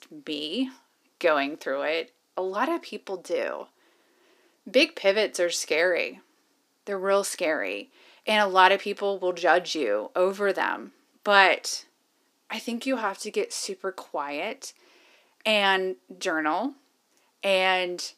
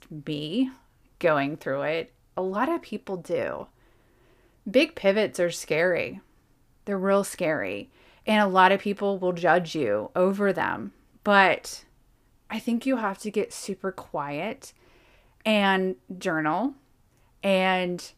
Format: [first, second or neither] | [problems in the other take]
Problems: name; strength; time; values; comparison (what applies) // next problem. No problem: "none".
second | thin; very slightly; fading below 250 Hz